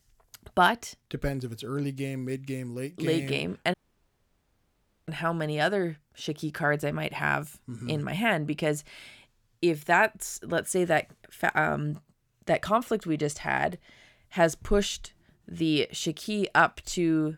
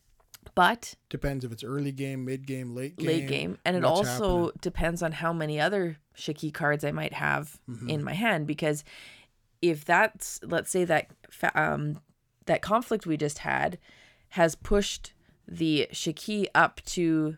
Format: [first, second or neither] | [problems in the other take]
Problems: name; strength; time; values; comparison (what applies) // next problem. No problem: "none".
second | audio cutting out; at 3.5 s for 1.5 s